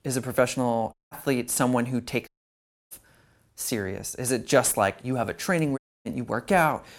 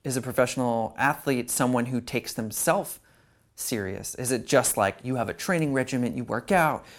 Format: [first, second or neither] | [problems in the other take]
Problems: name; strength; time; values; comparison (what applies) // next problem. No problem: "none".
second | audio cutting out; at 1 s, at 2.5 s for 0.5 s and at 6 s